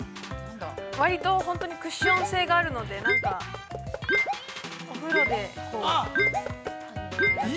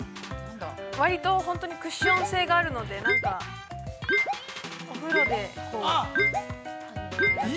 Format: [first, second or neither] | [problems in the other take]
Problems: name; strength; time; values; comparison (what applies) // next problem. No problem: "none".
second | background sound (Knock / Wood); 18 dB below the speech